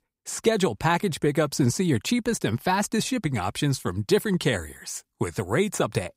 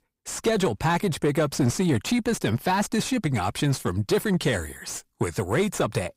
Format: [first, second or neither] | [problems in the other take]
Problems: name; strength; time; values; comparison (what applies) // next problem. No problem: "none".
first | distortion; slight; 10 dB below the speech